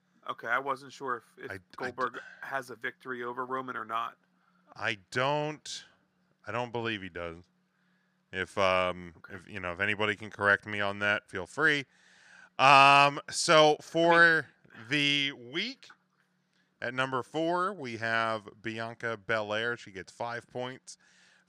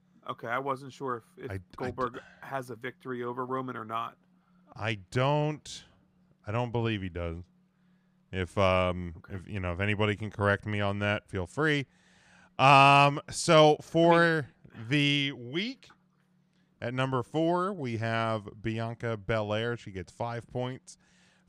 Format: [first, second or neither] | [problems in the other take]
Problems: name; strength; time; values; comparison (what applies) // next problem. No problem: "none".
second | thin; somewhat; fading below 700 Hz